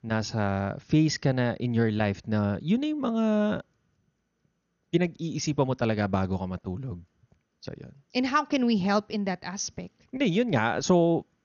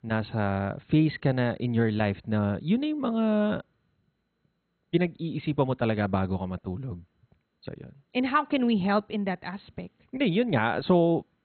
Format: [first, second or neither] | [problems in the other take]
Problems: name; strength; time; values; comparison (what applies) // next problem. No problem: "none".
first | garbled, watery; badly; nothing above 4 kHz; slightly in the first